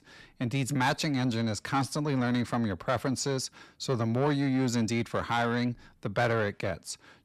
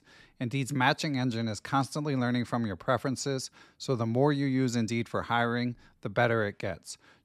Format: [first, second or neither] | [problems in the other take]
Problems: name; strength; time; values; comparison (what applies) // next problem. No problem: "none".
second | distortion; slight; 10 dB below the speech